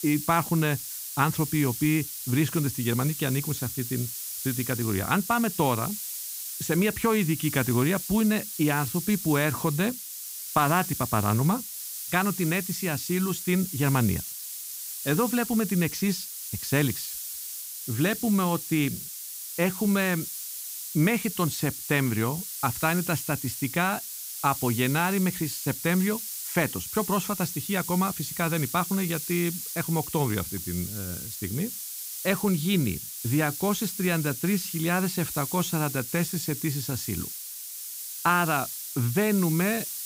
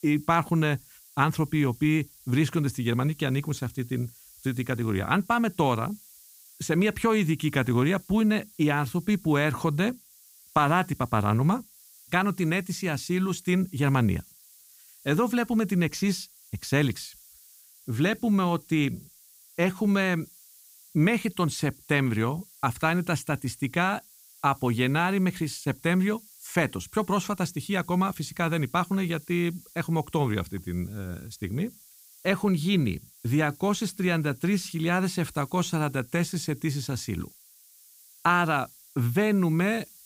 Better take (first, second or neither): second